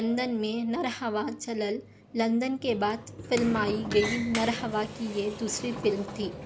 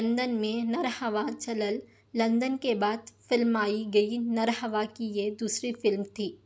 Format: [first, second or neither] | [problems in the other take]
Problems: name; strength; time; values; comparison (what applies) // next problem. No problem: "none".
second | background sound (Sliding door); 10 dB below the speech